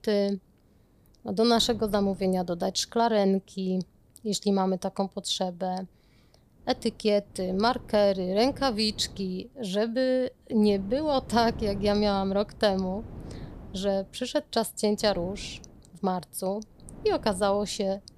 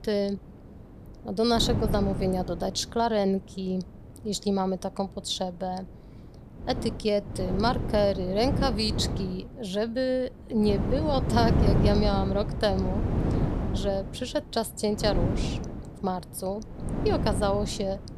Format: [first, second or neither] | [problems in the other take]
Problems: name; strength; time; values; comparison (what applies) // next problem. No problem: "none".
first | wind noise on the microphone; heavy; 8 dB below the speech; occasional gusts in the first